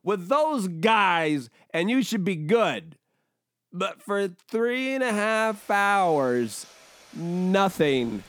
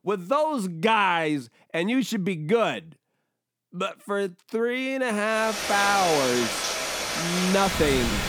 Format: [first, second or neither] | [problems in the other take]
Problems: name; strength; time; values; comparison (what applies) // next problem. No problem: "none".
first | rain or running water; loud; from 5.5 s on; 2 dB below the speech; faint in the first